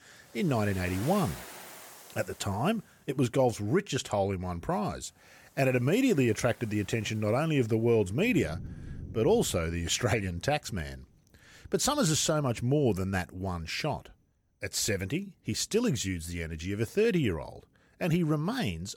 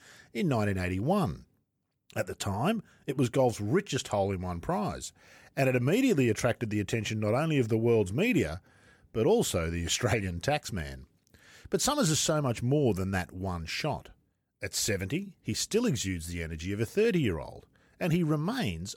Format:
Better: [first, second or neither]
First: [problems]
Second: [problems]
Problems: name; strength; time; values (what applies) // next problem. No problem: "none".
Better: second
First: rain or running water; noticeable; throughout; 20 dB below the speech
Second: none